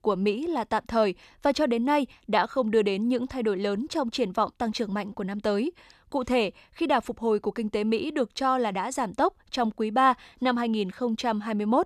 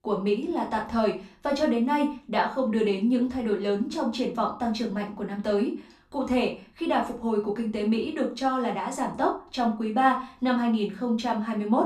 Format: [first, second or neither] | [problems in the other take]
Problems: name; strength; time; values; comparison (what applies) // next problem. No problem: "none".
first | off-mic speech; far // room echo; slight; dies away in 0.3 s